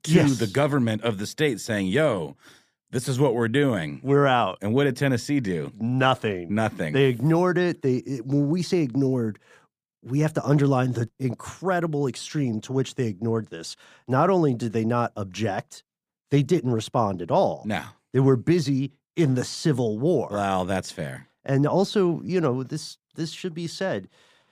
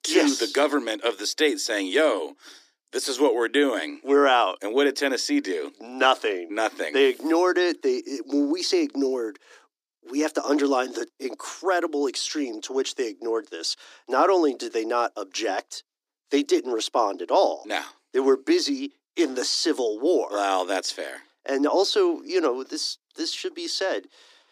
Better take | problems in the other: first | thin; somewhat; fading below 300 Hz

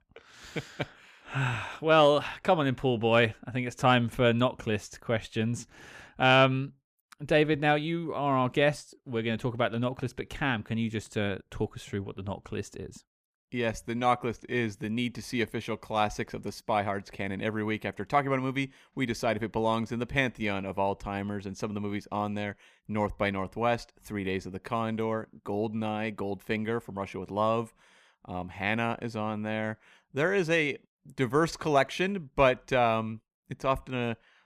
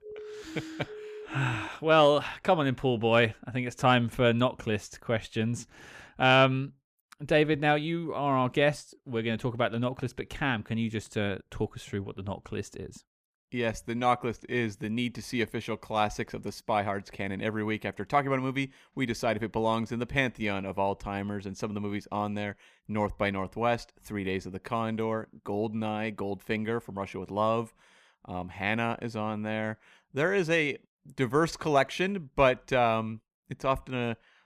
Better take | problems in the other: first | siren; faint; until 1.5 s; peak 15 dB below the speech

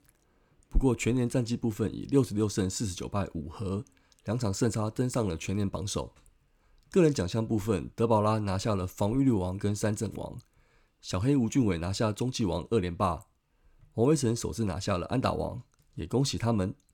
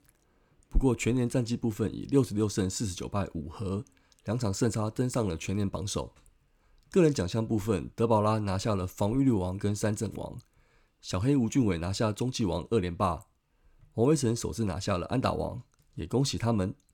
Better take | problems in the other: neither | none

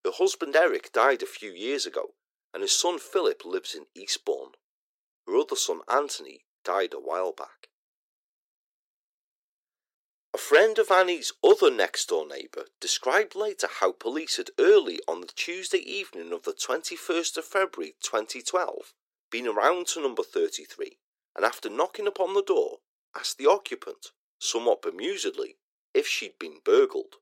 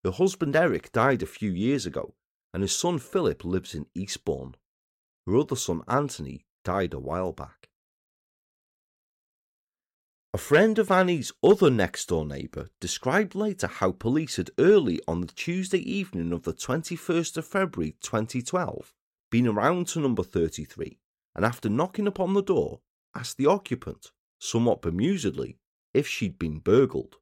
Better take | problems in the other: second | thin; very; fading below 350 Hz

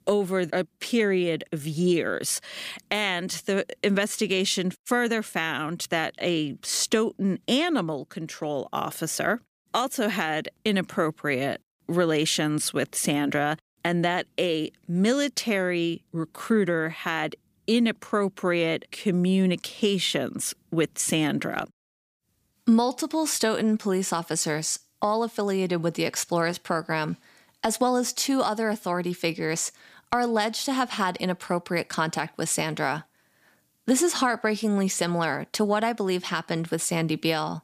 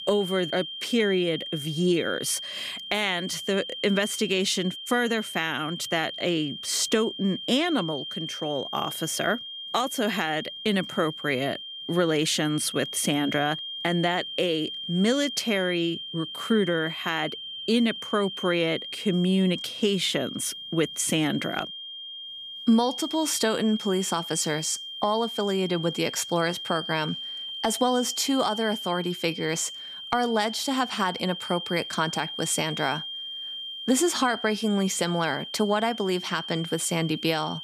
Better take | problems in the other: first | high-pitched whine; loud; throughout; 3 kHz, 8 dB below the speech

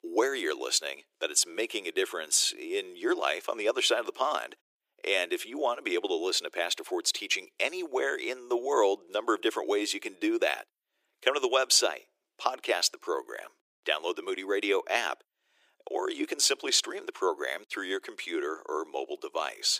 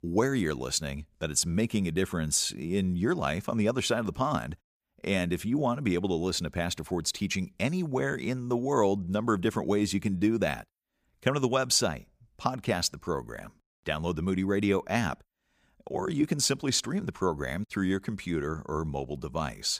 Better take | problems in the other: second | thin; very; fading below 350 Hz

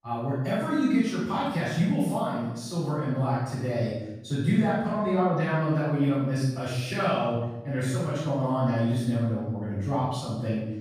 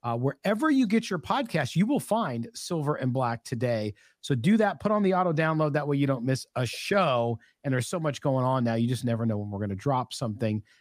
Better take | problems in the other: second | room echo; strong; dies away in 0.9 s // off-mic speech; far

